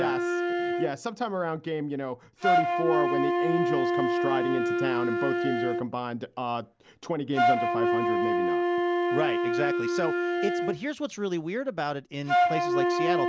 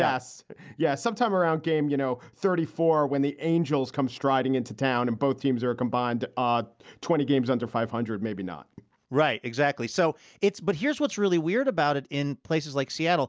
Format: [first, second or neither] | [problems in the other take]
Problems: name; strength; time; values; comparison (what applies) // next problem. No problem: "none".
second | background sound (Wind instrument, woodwind instrument); 5 dB above the speech